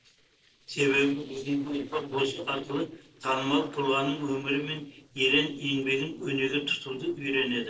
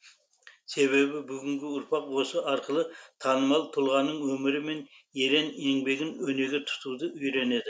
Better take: second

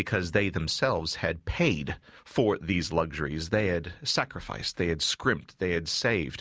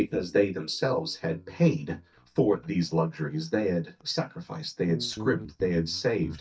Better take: first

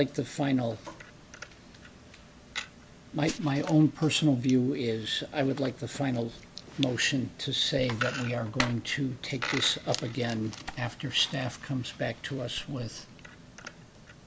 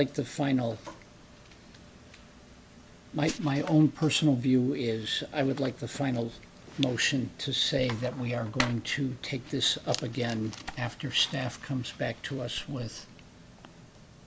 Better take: second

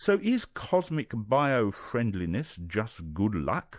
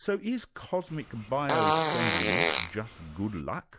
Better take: first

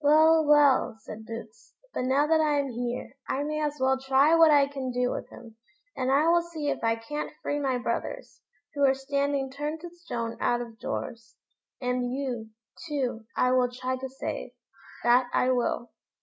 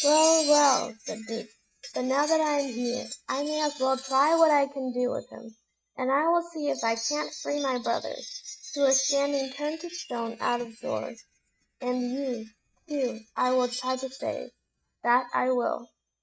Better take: first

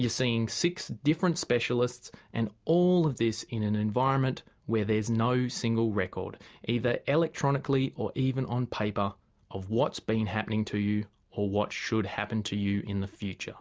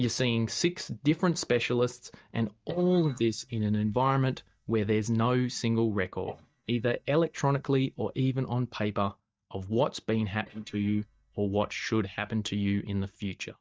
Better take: first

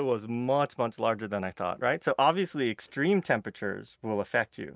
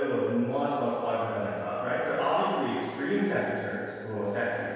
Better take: first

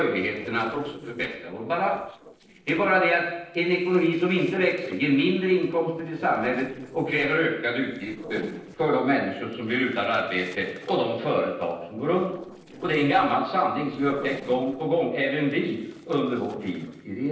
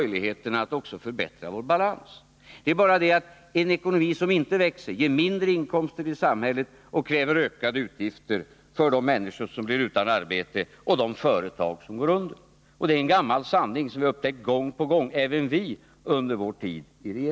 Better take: second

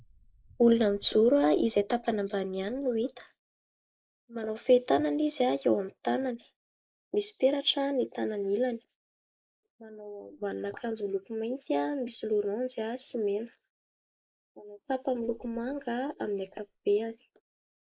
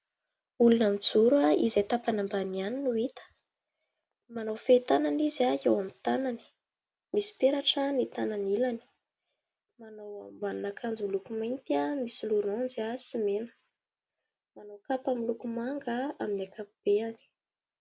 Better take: second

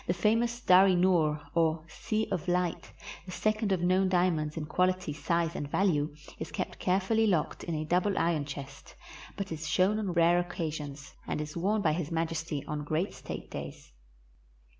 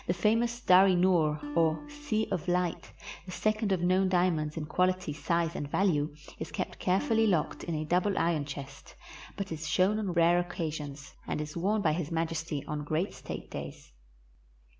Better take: first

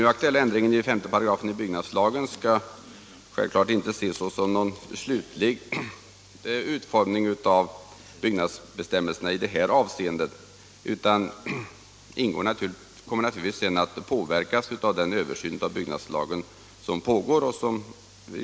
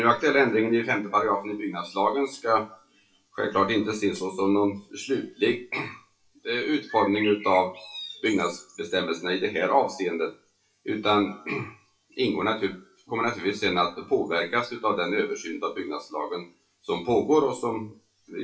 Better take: first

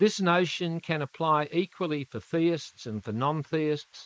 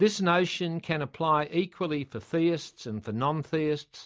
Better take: second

